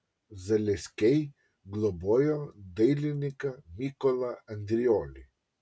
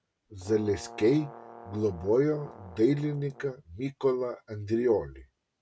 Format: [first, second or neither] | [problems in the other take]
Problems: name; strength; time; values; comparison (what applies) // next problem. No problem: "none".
first | background sound (Brass instrument); 19 dB below the speech